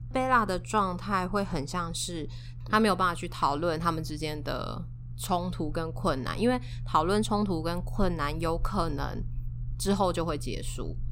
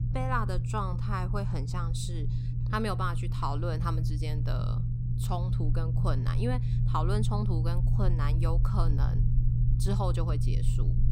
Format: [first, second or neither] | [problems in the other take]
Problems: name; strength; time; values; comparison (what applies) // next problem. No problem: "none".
first | low rumble; loud; throughout; 7 dB below the speech; faint in the first